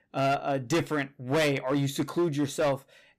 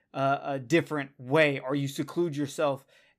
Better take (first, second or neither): second